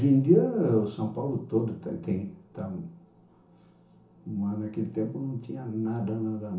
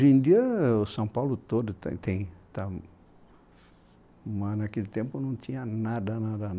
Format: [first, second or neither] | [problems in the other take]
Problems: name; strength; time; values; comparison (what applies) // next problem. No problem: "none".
second | room echo; dies away in 0.7 s